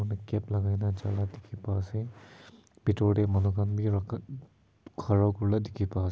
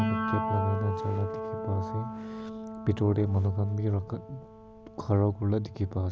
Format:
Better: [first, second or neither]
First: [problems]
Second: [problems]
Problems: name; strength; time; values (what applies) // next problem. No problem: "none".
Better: first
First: none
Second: background sound (Piano); 7 dB below the speech